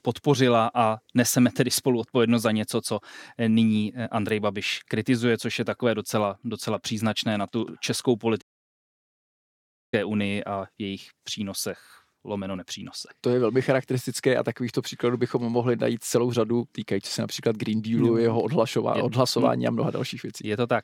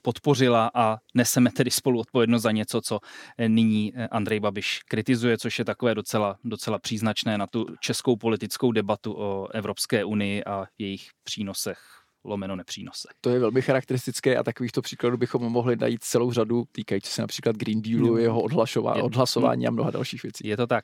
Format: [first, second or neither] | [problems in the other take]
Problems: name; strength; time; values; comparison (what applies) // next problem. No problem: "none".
second | audio cutting out; at 8.5 s for 1.5 s